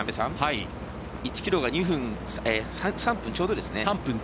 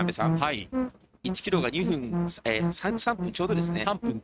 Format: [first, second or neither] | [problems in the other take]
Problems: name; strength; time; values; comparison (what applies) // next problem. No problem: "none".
first | noise reduction (neural mask model RNNoise)